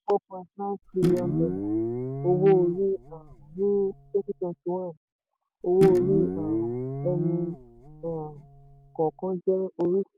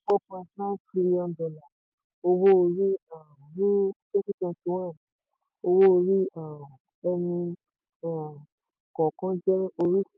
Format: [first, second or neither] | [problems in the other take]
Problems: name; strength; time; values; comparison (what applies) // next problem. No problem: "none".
second | background sound (Guitar); 4 dB below the speech